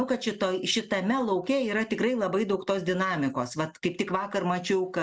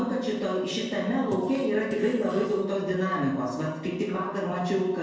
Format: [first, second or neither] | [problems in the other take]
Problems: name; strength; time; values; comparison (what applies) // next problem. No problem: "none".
first | noise reduction (neural separator model SepFormer DNS4)